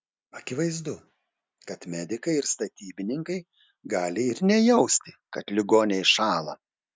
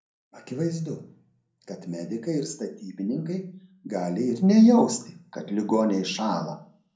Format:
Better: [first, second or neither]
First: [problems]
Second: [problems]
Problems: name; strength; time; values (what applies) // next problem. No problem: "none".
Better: first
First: none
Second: room echo; dies away in 0.6 s